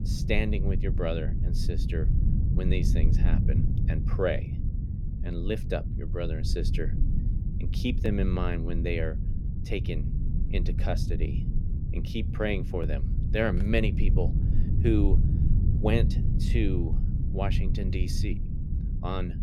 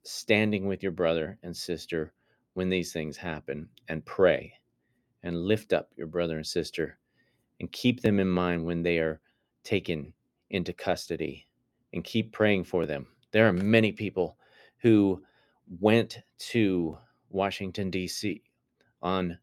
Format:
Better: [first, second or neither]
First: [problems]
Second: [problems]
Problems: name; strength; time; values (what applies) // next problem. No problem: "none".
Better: second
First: low rumble; loud; throughout; 8 dB below the speech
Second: none